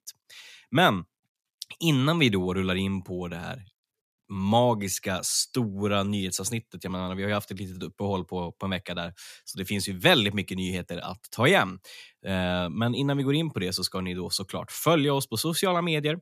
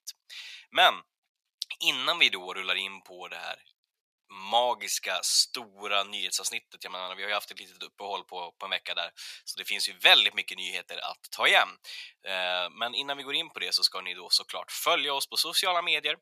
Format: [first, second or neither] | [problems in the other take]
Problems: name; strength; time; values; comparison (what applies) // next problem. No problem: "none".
first | thin; very; fading below 800 Hz